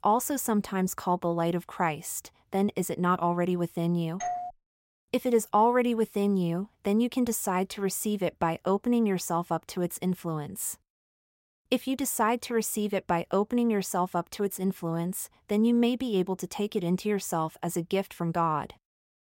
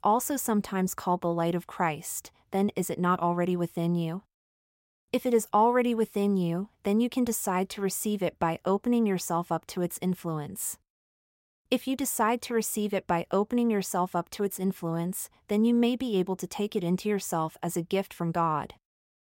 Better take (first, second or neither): second